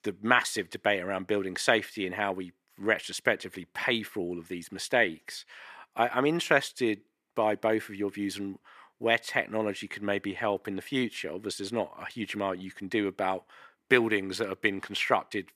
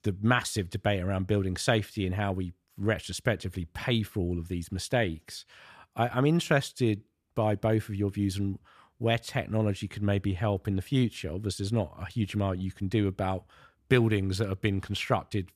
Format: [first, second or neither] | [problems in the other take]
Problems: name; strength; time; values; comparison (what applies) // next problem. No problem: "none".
second | thin; somewhat; fading below 350 Hz